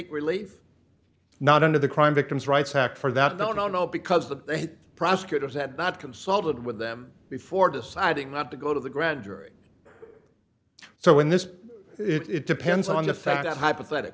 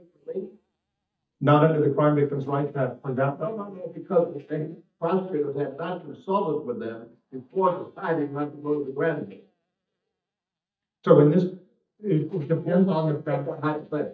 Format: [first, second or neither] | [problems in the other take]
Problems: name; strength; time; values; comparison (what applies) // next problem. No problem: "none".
first | noise reduction (neural mask model DeepFilterNet 3)